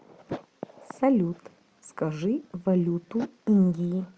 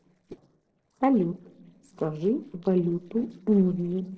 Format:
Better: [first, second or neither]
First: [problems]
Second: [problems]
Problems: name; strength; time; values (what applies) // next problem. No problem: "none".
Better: first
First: none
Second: noise reduction (neural separator model SepFormer DNS4)